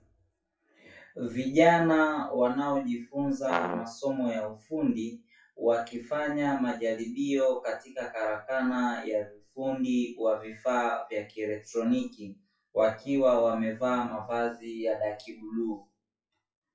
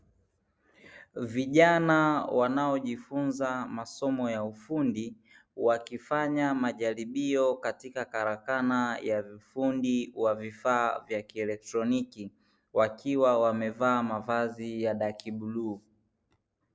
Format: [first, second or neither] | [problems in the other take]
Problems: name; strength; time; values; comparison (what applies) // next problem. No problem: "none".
second | noise reduction (classical method WPE with log-MMSE)